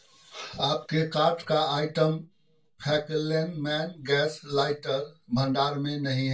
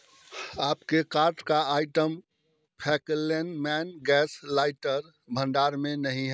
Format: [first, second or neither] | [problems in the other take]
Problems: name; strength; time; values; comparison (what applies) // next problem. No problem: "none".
second | room echo; dies away in 0.2 s